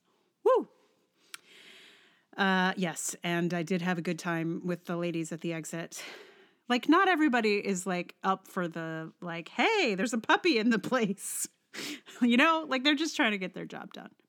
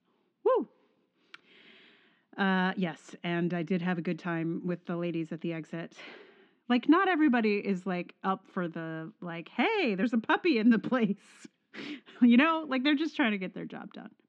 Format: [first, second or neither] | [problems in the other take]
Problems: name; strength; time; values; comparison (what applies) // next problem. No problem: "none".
first | muffled; slightly; fading above 3.5 kHz